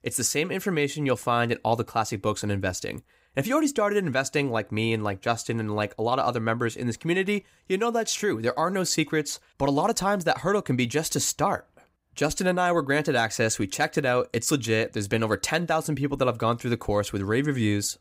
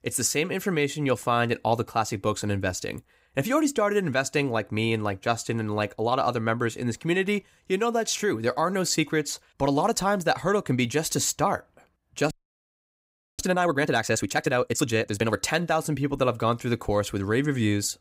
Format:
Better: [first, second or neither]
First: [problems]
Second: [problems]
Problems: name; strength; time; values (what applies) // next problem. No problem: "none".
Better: first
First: none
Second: audio freezing; at 12 s for 1 s